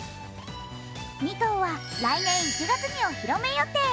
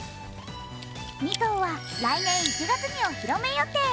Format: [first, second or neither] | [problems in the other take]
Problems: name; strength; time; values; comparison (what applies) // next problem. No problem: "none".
first | background sound (Chewing, mastication); 14 dB below the speech